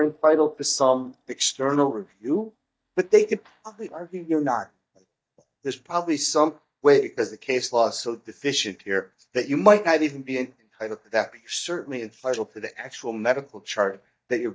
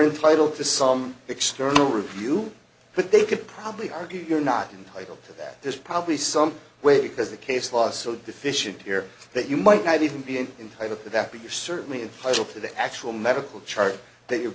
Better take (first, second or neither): second